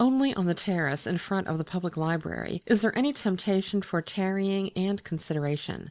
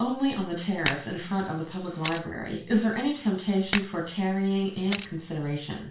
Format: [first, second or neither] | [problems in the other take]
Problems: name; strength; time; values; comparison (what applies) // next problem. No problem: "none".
first | background sound (Camera); 11 dB below the speech // room echo; dies away in 0.3 s